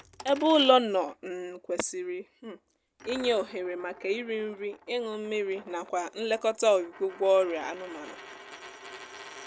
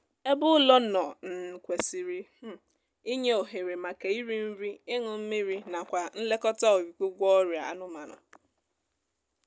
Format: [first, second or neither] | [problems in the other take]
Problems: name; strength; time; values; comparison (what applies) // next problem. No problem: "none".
second | background sound (Coin (dropping)); 19 dB below the speech